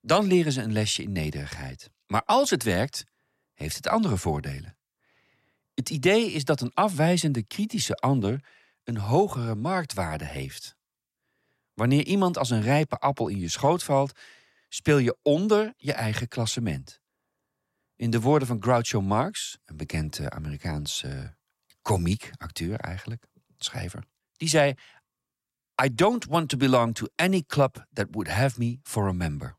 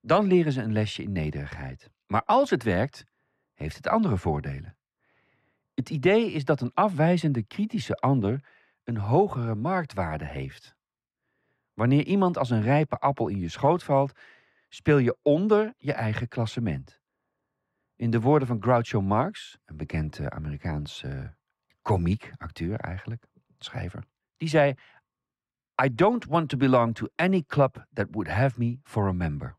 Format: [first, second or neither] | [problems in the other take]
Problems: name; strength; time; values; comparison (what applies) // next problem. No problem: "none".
first | muffled; slightly; fading above 4 kHz